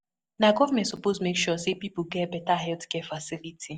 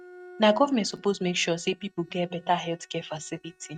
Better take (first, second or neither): first